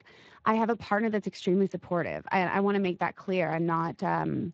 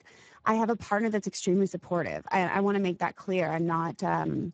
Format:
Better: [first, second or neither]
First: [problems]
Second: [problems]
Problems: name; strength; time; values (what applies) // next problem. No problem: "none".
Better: first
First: garbled, watery; slightly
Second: garbled, watery; badly; nothing above 8 kHz